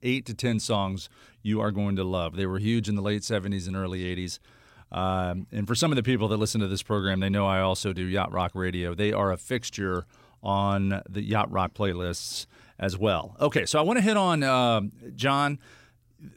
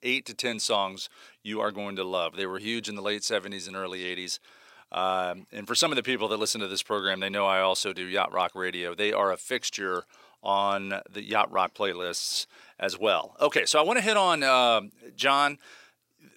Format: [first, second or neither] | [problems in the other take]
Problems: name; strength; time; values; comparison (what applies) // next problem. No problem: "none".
first | thin; somewhat; fading below 450 Hz